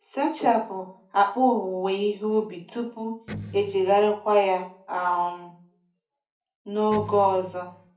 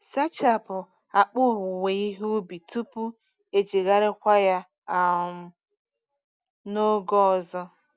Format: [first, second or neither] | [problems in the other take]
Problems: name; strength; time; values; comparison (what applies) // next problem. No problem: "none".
second | background sound (Electric guitar); 14 dB below the speech // room echo; dies away in 0.4 s